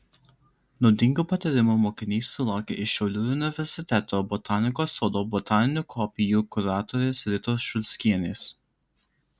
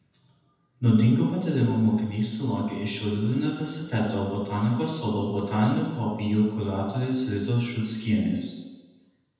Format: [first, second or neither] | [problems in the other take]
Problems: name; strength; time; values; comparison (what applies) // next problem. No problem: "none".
first | room echo; dies away in 1.1 s